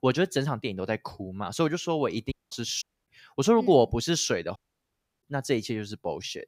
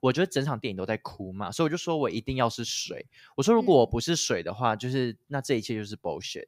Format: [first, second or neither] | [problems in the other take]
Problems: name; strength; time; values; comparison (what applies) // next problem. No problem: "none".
second | audio cutting out; at 2.5 s, at 3 s and at 4.5 s for 0.5 s